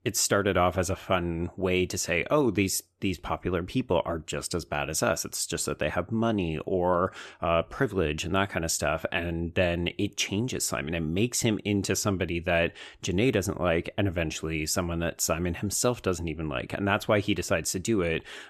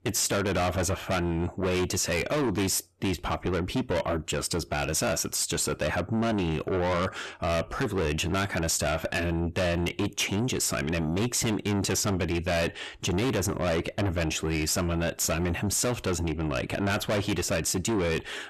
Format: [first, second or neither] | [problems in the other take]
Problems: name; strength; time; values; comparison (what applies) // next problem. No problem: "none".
first | distortion; heavy; 6 dB below the speech